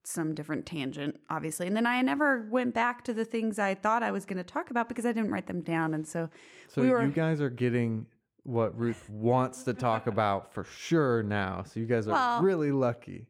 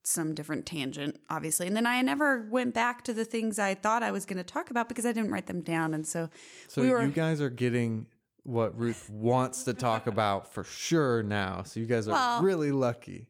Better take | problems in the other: second | muffled; slightly; fading above 3.5 kHz

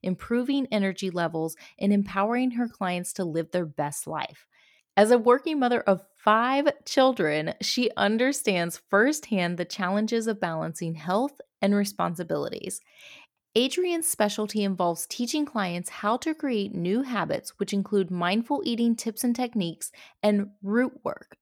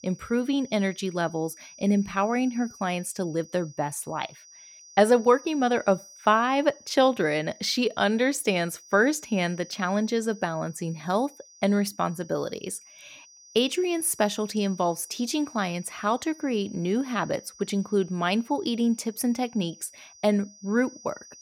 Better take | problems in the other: first | high-pitched whine; faint; throughout; 6 kHz, 20 dB below the speech

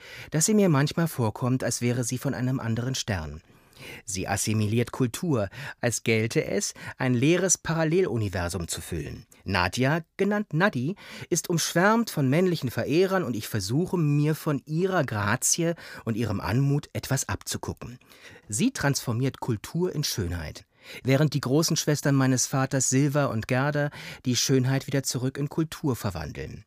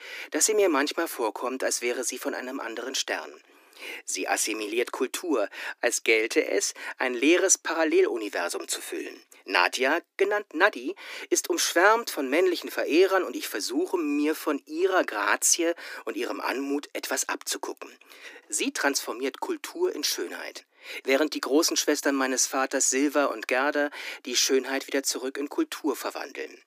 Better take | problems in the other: first | thin; somewhat; fading below 300 Hz

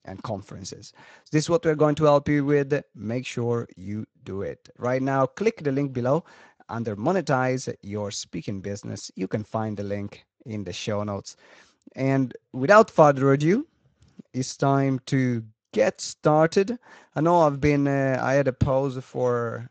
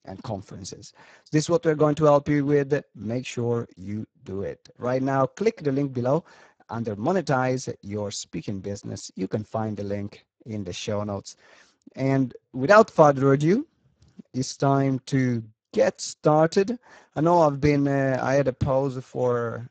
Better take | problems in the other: first | garbled, watery; badly; nothing above 7.5 kHz; slightly in the first

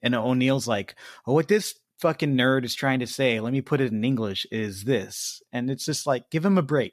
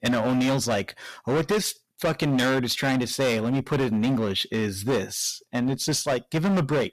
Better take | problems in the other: first | distortion; heavy; 18% of the sound clipped

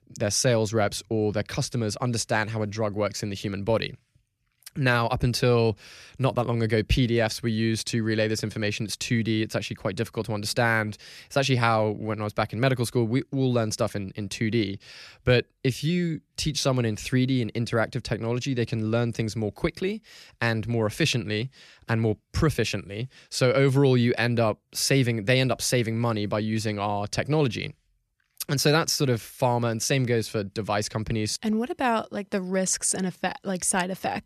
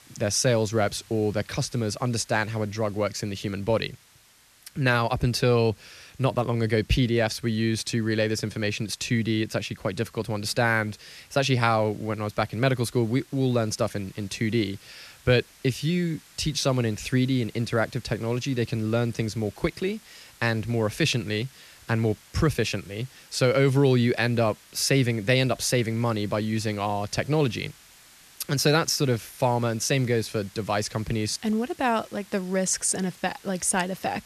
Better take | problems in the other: first | hiss; faint; throughout; 25 dB below the speech

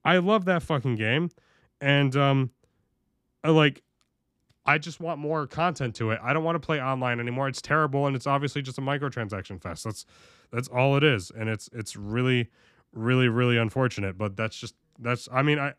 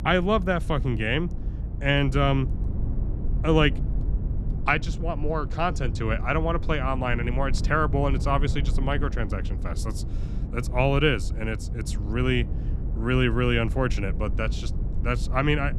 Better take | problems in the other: first | low rumble; noticeable; throughout; 15 dB below the speech

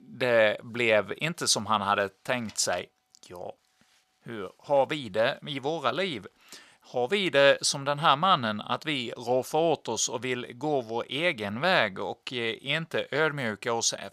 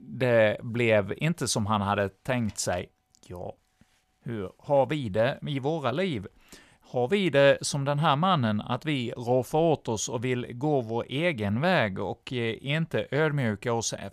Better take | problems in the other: second | thin; very slightly; fading below 450 Hz

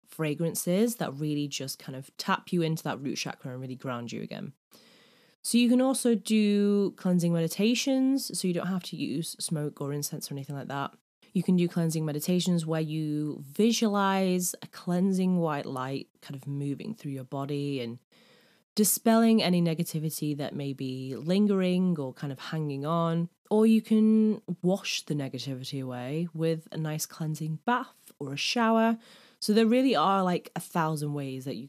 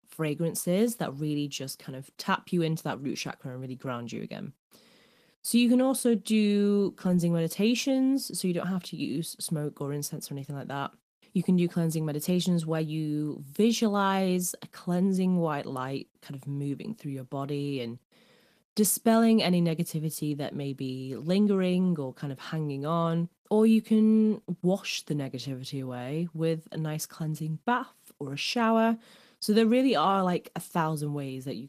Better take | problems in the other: first | garbled, watery; slightly; nothing above 14.5 kHz

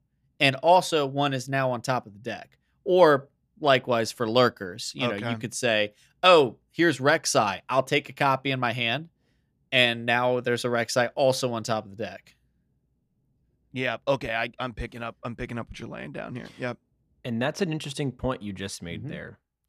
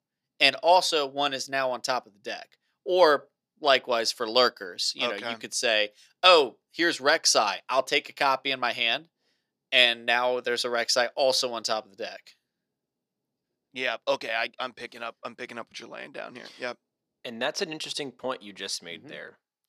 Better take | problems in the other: first | thin; somewhat; fading below 400 Hz

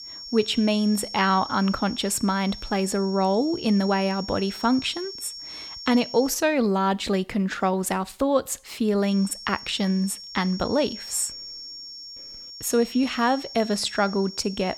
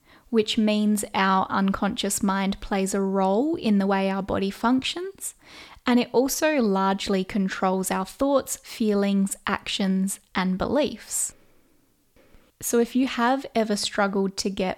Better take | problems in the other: second | high-pitched whine; noticeable; until 6.5 s and from 9 s on; 5.5 kHz, 10 dB below the speech

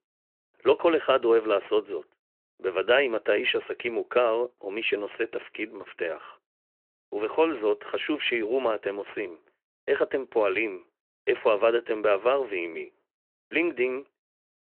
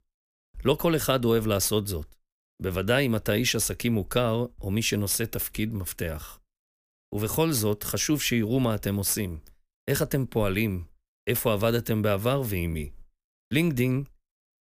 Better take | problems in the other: second | phone-call audio

